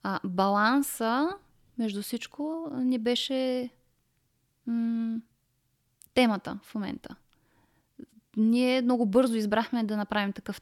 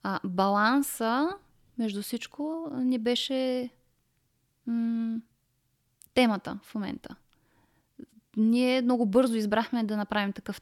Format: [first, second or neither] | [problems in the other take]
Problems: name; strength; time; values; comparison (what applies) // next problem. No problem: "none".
neither | none